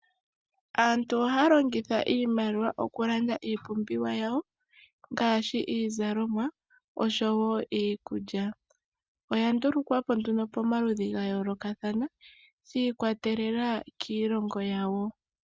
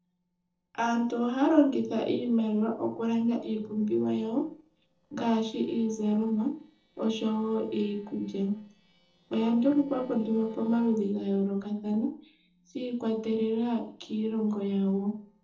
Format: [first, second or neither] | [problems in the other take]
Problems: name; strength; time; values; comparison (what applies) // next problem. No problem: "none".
first | noise reduction (neural separator model SepFormer DNS4)